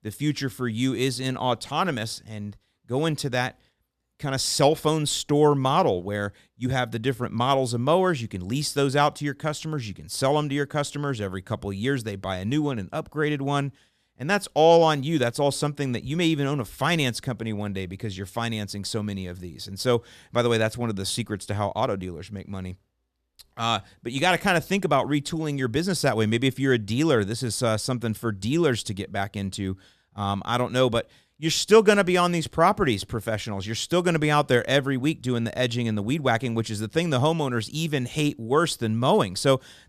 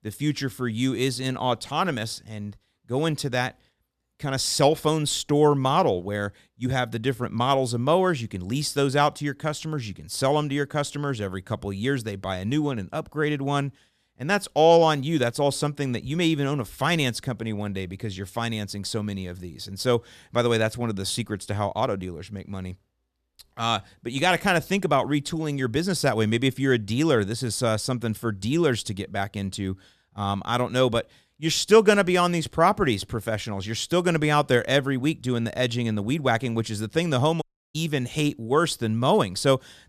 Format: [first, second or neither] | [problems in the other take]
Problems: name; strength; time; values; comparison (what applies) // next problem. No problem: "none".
first | audio cutting out; at 37 s